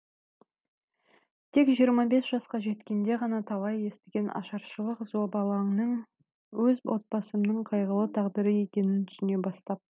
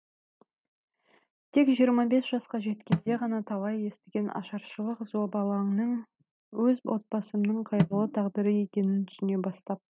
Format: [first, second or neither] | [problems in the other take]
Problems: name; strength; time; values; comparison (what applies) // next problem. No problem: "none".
first | noise reduction (neural mask model RNNoise)